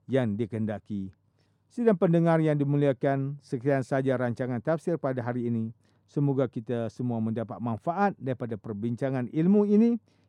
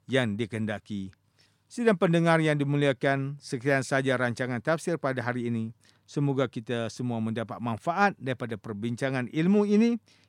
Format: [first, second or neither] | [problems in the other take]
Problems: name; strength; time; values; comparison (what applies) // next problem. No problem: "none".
second | muffled; slightly; fading above 1 kHz